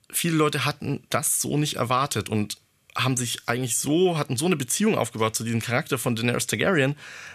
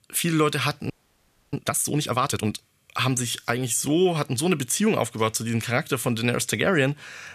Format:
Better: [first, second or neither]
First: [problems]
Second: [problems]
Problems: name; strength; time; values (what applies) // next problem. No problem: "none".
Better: first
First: none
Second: audio freezing; at 1 s for 0.5 s